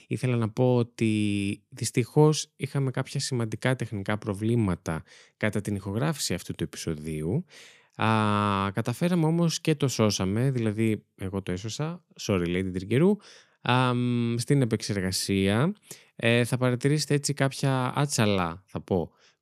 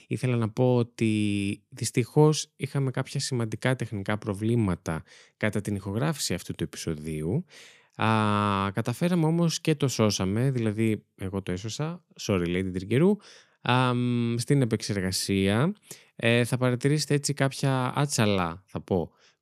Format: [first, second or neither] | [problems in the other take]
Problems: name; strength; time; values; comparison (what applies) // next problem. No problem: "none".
neither | none